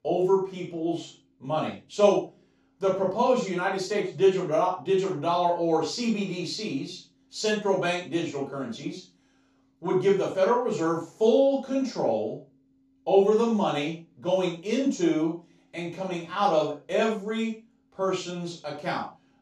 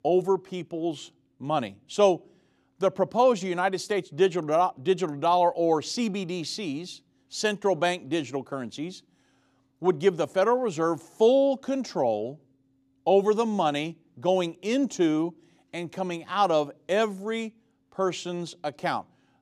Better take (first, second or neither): second